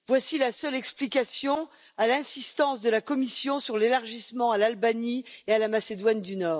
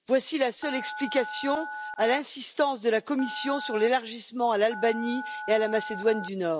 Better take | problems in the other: first | background sound (Telephone); 11 dB below the speech

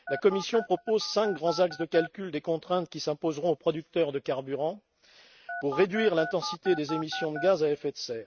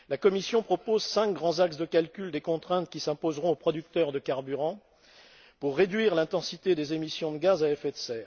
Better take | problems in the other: second | noise reduction (neural mask model RNNoise)

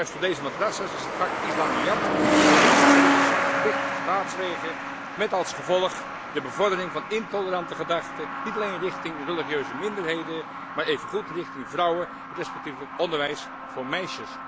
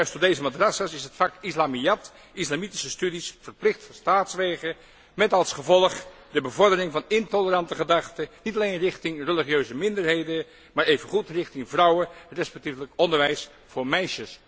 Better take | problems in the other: second | background sound (Truck); 3 dB above the speech

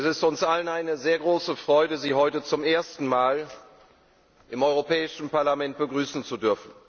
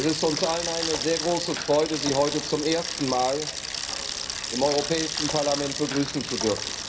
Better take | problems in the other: first | background sound (Bicycle); 5 dB below the speech // room echo; dies away in 0.4 s

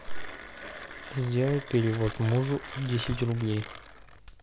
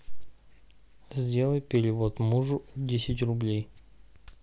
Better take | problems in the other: second | background sound (Doorbell + Mechanisms); 14 dB below the speech

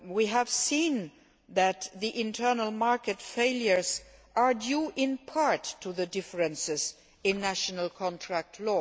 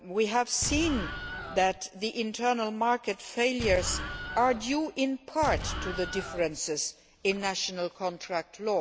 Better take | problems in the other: first | background sound (Explosion); 6 dB below the speech

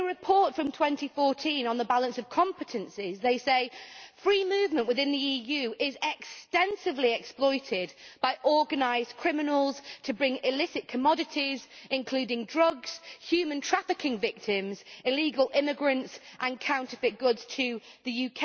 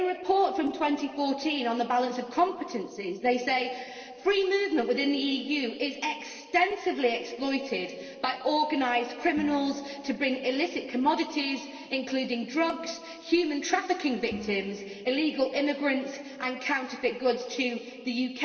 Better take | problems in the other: first | noise reduction (neural separator model SepFormer DNS4)

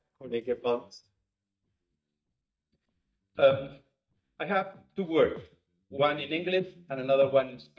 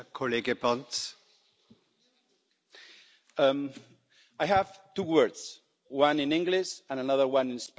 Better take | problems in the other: second | noise reduction (neural mask model DeepFilterNet 3)

